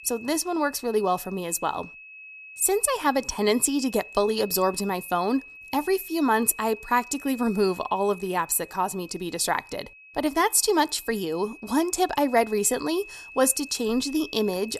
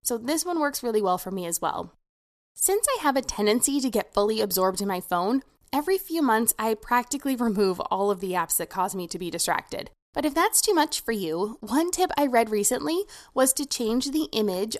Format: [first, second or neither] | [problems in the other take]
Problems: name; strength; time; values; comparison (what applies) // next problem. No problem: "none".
second | high-pitched whine; noticeable; throughout; 2.5 kHz, 20 dB below the speech